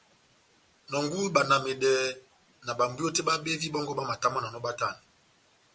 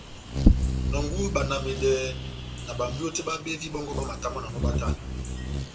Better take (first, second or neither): first